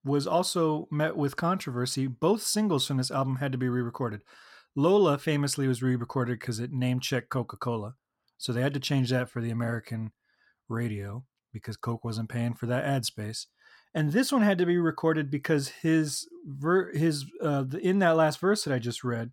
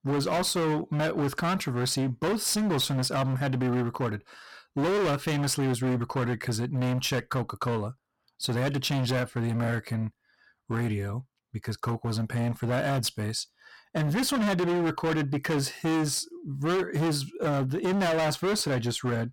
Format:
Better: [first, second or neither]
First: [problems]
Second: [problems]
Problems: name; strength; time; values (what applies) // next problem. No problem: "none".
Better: first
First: none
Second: distortion; heavy; 24% of the sound clipped